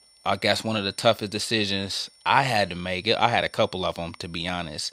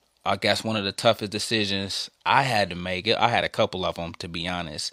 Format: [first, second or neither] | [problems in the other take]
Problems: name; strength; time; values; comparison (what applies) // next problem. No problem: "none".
second | high-pitched whine; faint; throughout; 5.5 kHz, 30 dB below the speech